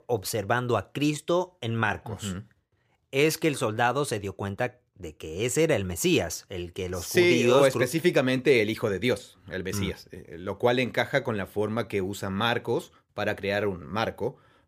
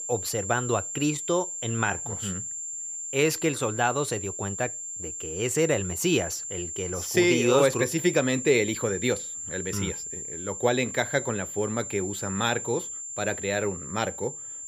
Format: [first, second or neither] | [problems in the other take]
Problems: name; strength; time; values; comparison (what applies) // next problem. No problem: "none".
first | high-pitched whine; loud; throughout; 7.5 kHz, 6 dB below the speech